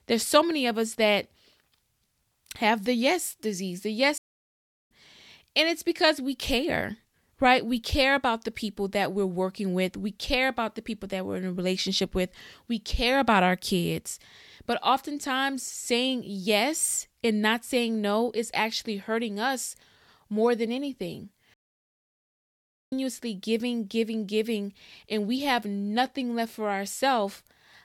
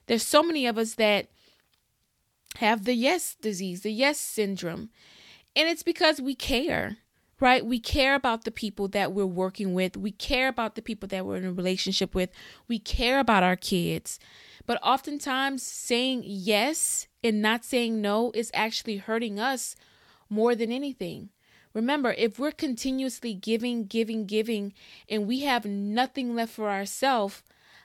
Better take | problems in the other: second | audio cutting out; at 4 s for 0.5 s and at 22 s for 1.5 s

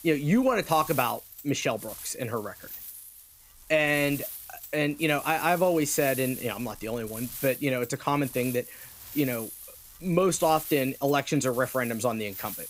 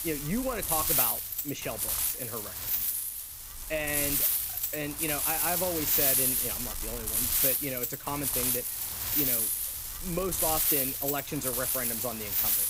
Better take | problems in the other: first | wind noise on the microphone; heavy; 2 dB above the speech; occasional gusts in the first

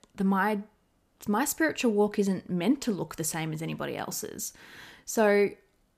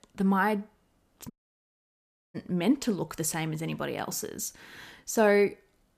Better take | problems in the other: first | audio cutting out; at 1.5 s for 1 s

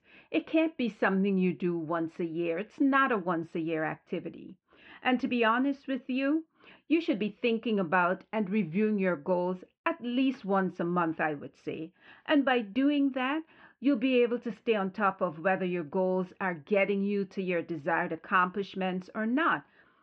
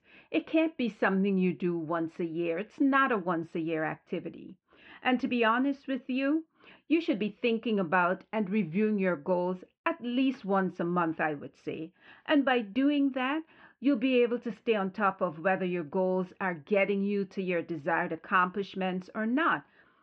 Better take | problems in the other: neither | muffled; very; fading above 2.5 kHz; the same in both

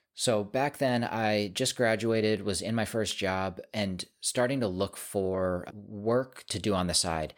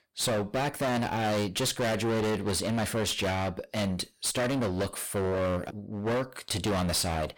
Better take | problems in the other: first | distortion; heavy; 28% of the sound clipped

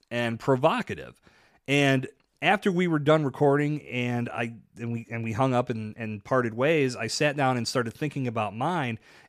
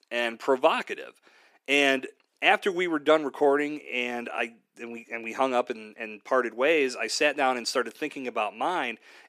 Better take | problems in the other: first | thin; somewhat; fading below 300 Hz

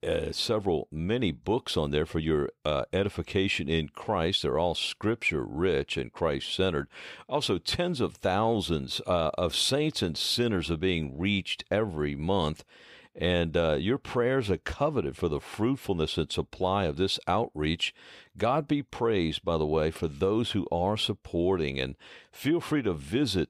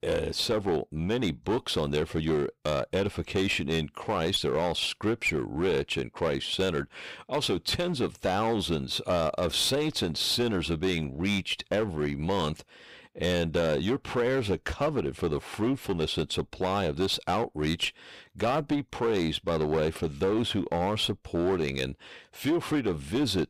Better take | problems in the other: first | distortion; slight; 10% of the sound clipped

